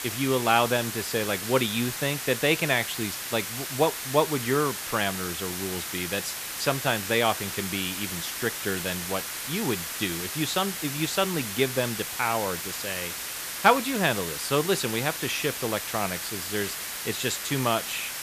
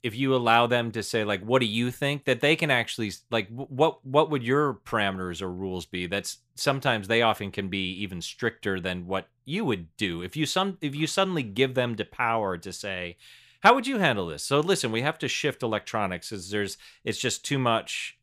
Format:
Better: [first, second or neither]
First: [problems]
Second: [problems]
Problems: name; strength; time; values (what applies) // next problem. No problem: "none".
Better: second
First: hiss; loud; throughout; 4 dB below the speech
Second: none